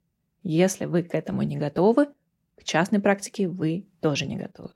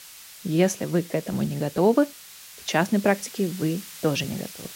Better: first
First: none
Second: hiss; noticeable; throughout; 15 dB below the speech

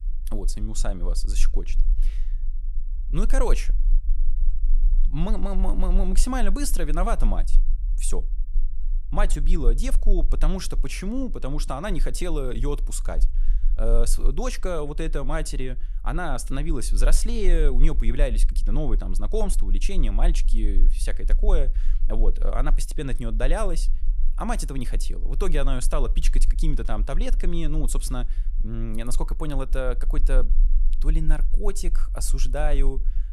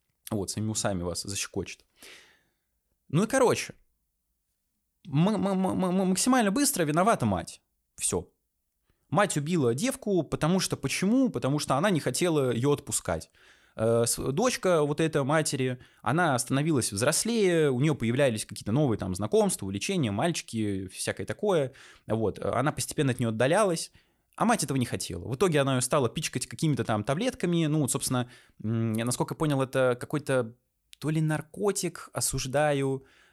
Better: second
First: low rumble; faint; throughout; 25 dB below the speech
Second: none

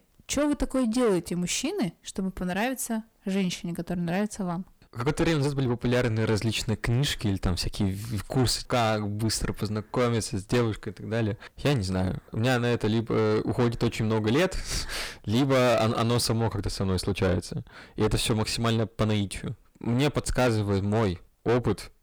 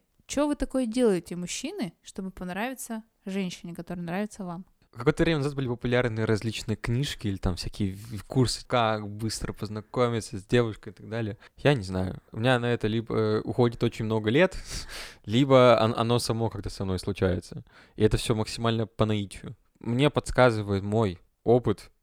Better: second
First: distortion; heavy; 6 dB below the speech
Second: none

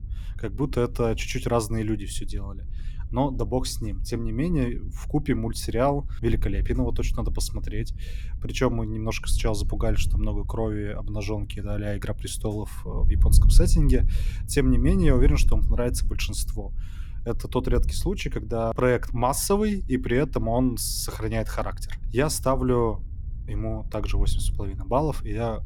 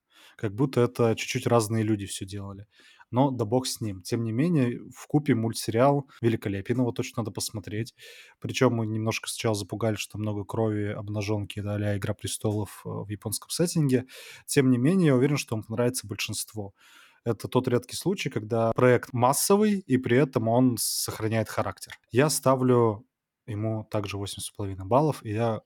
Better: second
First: wind noise on the microphone; occasional gusts; 20 dB below the speech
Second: none

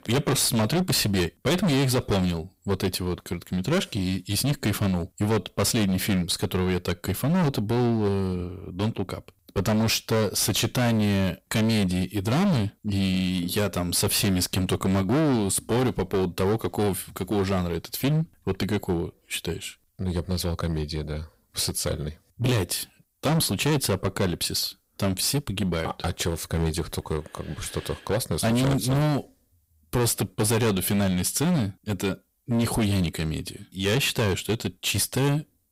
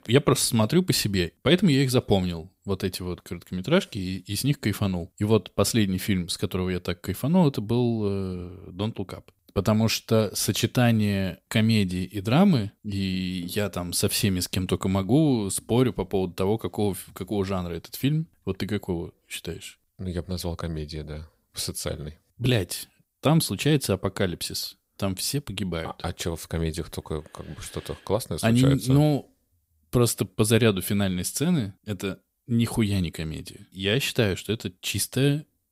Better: second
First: distortion; heavy; 16% of the sound clipped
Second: none

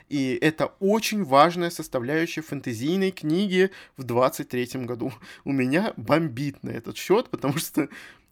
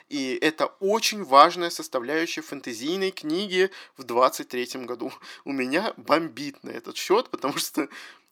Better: first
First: none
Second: thin; somewhat; fading below 350 Hz

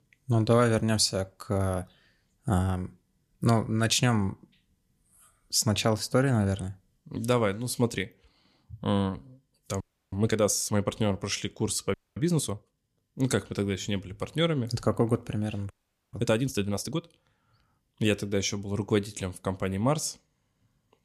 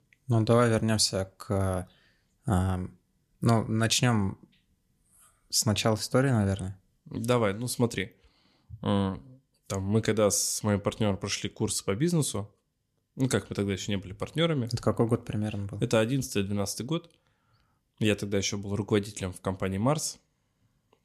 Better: second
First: audio freezing; at 10 s, at 12 s and at 16 s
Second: none

